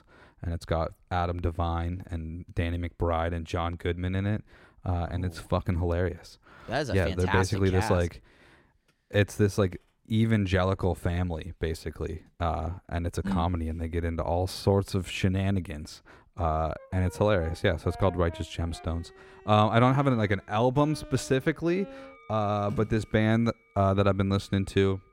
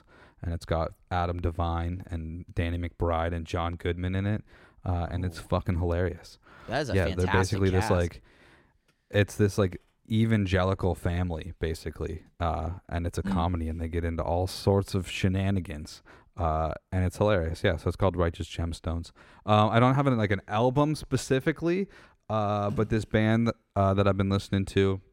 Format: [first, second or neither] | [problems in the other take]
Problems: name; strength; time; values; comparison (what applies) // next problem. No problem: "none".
second | background music; faint; from 17 s on; 20 dB below the speech